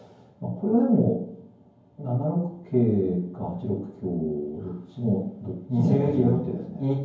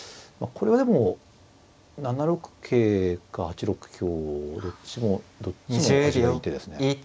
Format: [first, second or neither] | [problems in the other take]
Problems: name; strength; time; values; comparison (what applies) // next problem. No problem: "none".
second | room echo; dies away in 0.9 s